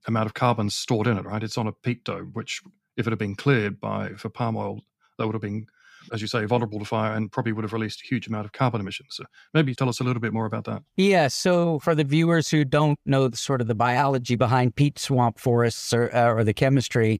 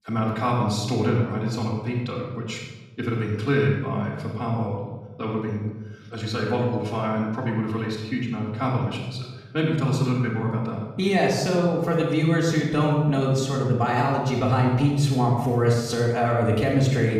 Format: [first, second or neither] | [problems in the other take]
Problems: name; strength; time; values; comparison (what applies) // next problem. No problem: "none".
first | off-mic speech; far // room echo; noticeable; dies away in 1.1 s